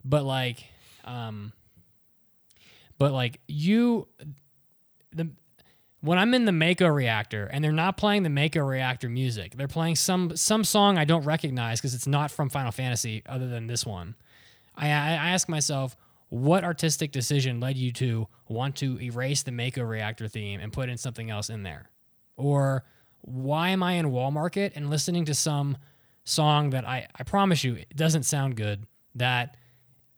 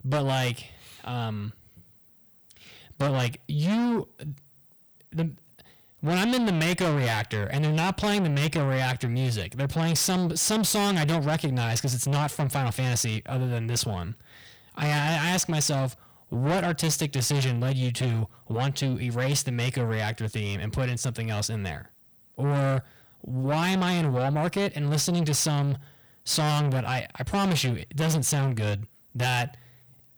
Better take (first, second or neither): first